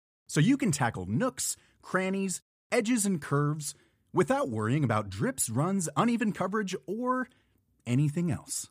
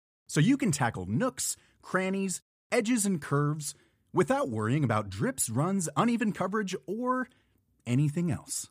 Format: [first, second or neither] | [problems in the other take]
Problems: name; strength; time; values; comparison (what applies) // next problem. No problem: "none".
neither | none